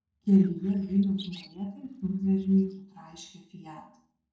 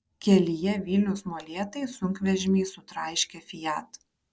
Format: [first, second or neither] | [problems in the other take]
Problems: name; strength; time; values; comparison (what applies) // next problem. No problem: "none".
second | noise reduction (neural separator model SepFormer DNS4)